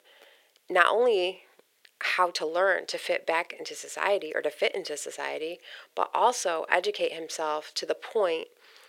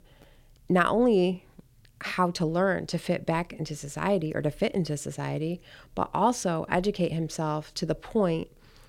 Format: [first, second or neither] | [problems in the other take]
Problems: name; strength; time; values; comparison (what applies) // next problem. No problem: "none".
second | thin; very; fading below 450 Hz